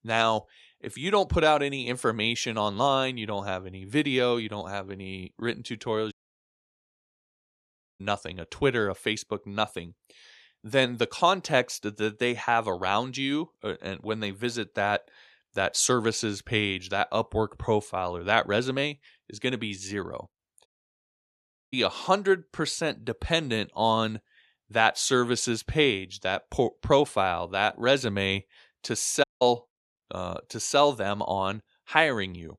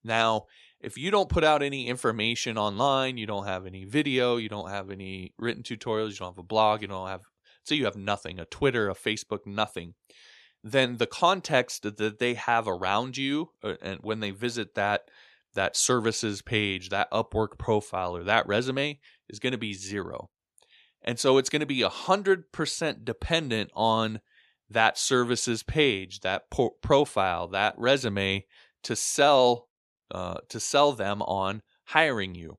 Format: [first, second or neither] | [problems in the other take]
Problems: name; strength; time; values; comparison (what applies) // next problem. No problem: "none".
second | audio cutting out; at 6 s for 2 s, at 21 s for 1 s and at 29 s